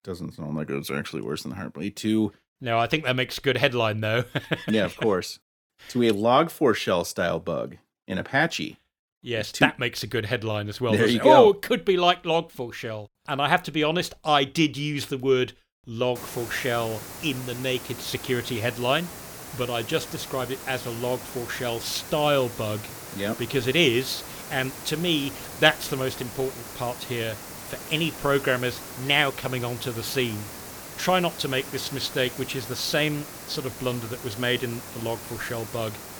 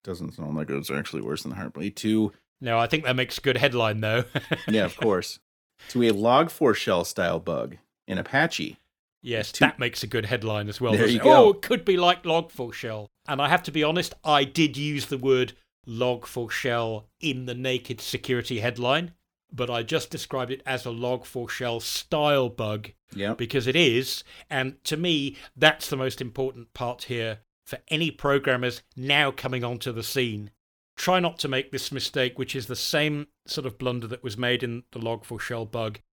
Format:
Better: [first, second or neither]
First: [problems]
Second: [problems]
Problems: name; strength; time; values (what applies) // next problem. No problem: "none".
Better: second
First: hiss; noticeable; from 16 s on; 10 dB below the speech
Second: none